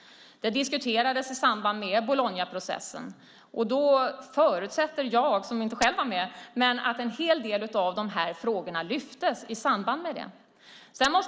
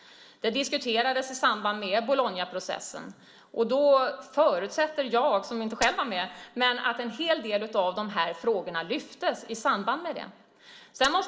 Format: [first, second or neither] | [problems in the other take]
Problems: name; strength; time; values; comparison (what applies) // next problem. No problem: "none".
first | room echo; dies away in 0.4 s